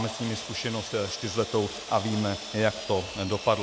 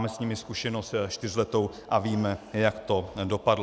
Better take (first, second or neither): second